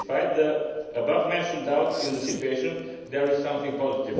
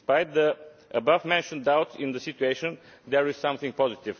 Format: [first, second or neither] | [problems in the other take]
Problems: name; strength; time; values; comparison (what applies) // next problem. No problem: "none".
second | background sound (Zipper (clothing)); 13 dB below the speech // room echo; dies away in 1.1 s